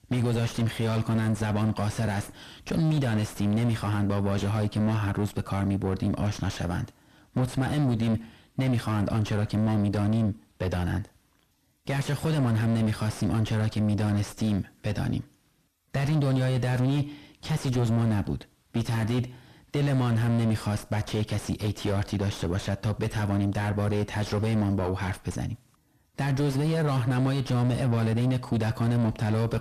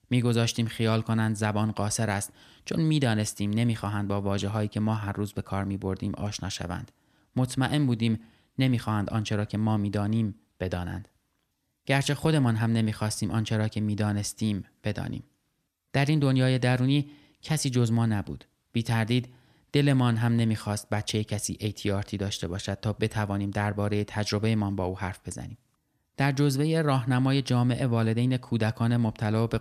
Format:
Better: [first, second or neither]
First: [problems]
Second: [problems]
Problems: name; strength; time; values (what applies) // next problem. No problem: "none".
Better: second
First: distortion; heavy; 6 dB below the speech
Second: none